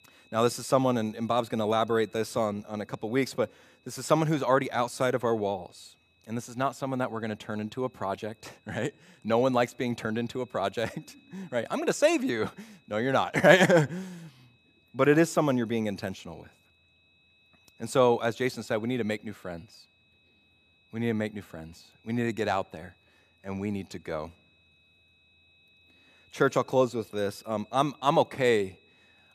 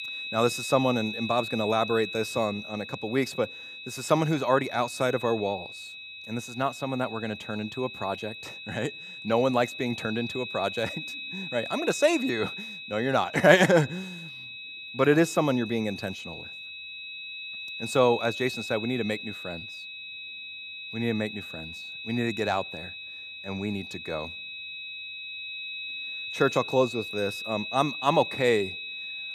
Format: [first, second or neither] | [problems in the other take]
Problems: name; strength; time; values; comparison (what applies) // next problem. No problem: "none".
first | high-pitched whine; loud; throughout; 2.5 kHz, 9 dB below the speech; faint in the first